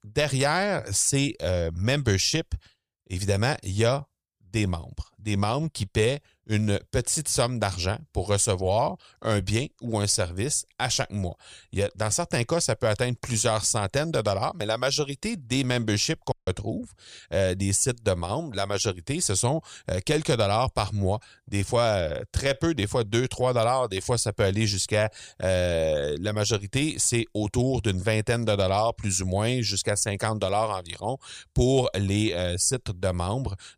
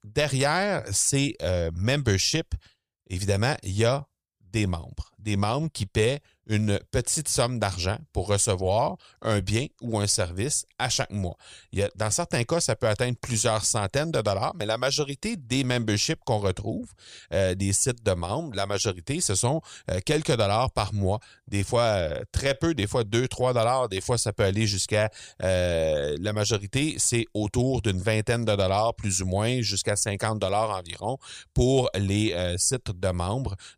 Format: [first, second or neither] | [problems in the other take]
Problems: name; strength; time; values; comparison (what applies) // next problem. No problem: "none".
second | audio cutting out; at 16 s